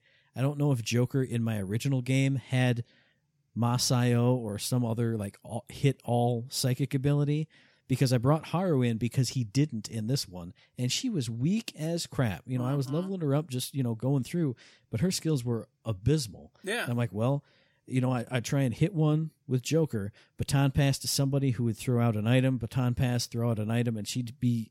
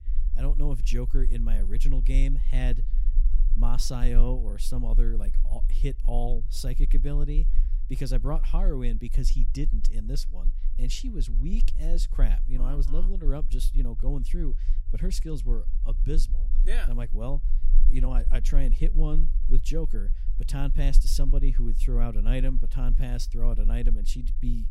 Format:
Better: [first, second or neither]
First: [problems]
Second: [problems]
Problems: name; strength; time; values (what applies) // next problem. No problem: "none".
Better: first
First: none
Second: low rumble; noticeable; throughout; 15 dB below the speech